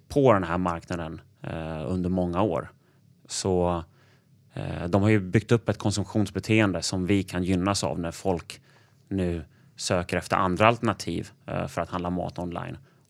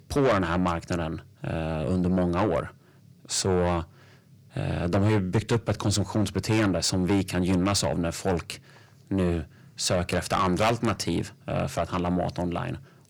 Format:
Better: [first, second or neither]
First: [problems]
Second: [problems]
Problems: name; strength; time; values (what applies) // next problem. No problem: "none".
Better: first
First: none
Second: distortion; heavy; 6 dB below the speech